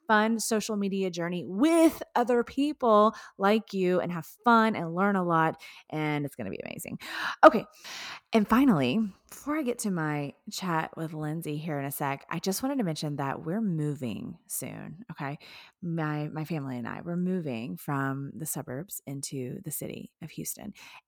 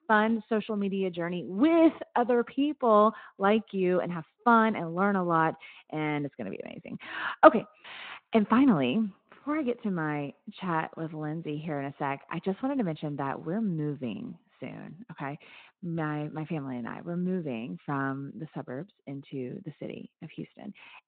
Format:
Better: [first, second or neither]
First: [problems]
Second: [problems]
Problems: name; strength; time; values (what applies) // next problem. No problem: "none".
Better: first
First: none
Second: phone-call audio